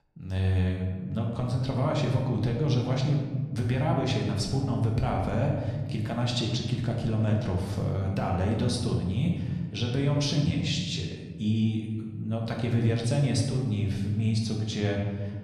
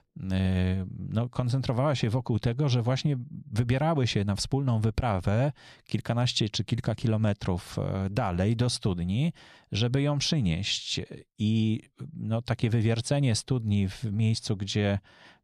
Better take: second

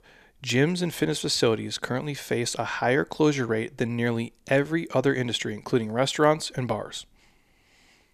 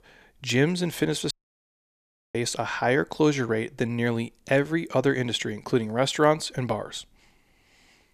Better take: first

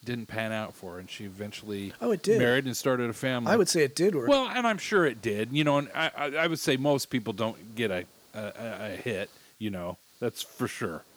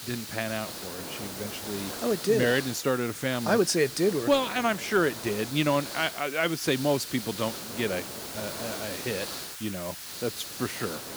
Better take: first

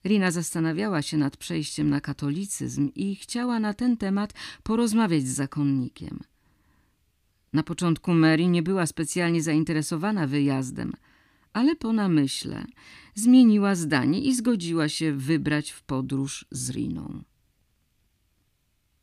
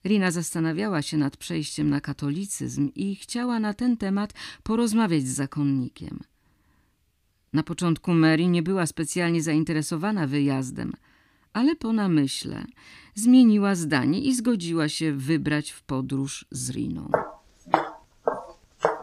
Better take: first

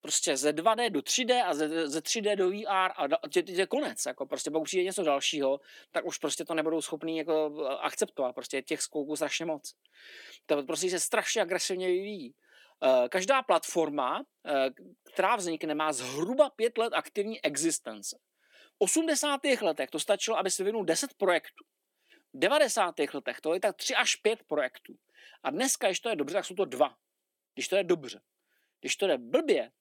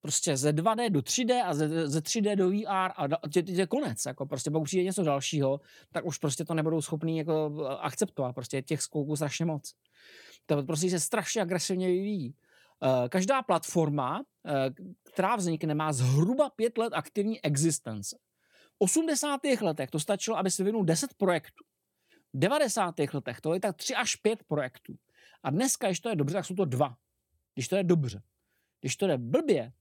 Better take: second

